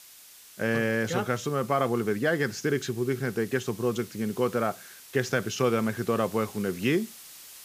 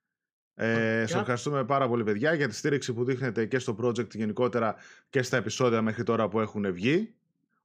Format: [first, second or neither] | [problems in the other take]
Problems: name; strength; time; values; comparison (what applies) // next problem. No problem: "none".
second | hiss; noticeable; throughout; 20 dB below the speech